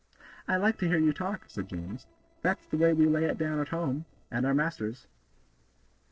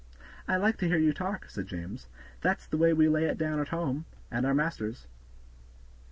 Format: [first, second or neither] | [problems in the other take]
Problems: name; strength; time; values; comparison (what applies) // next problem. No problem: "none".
second | noise reduction (neural separator model SepFormer DNS4)